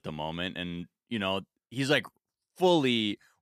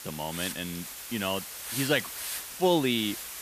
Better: first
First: none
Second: hiss; loud; throughout; 6 dB below the speech

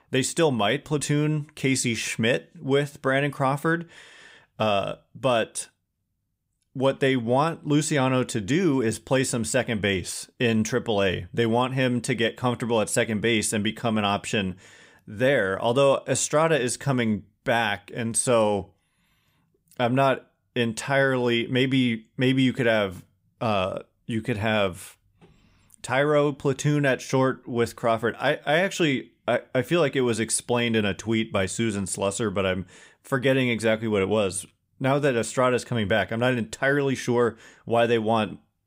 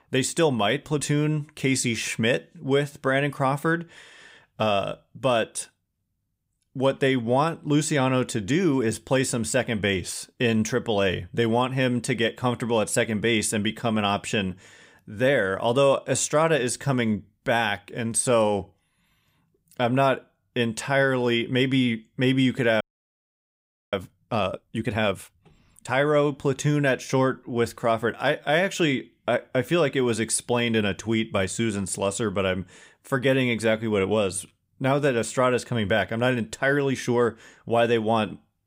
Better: first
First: none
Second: audio freezing; at 23 s for 1 s

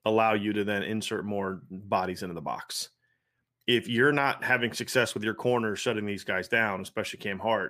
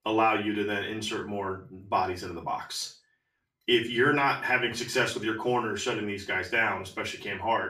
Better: first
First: none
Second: room echo; slight; dies away in 0.3 s // off-mic speech; far

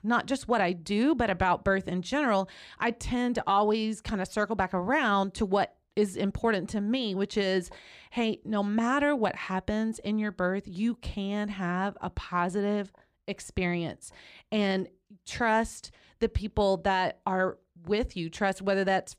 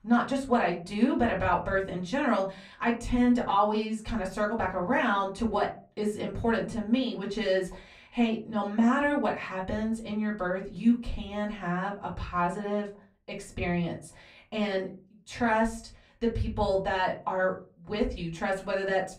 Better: first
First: none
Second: off-mic speech; far // room echo; very slight; dies away in 0.3 s

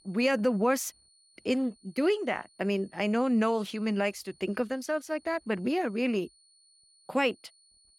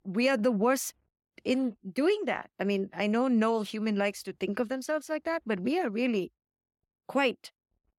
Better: second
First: high-pitched whine; faint; throughout; 4.5 kHz, 30 dB below the speech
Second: none

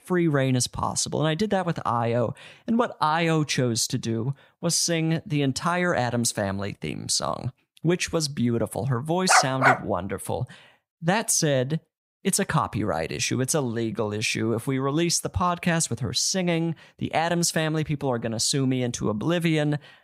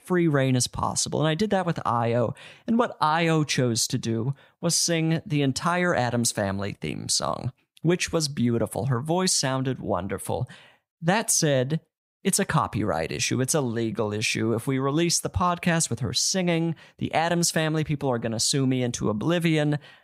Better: second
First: dog barking; loud; at 9.5 s; peak 6 dB above the speech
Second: none

